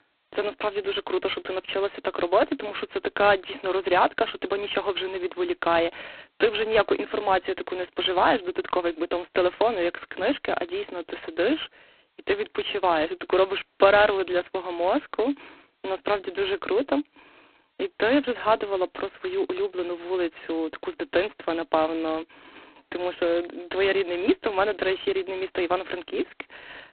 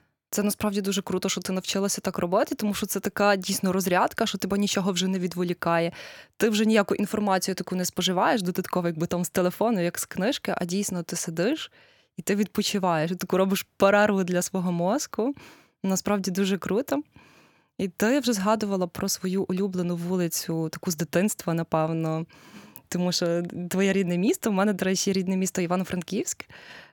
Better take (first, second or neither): second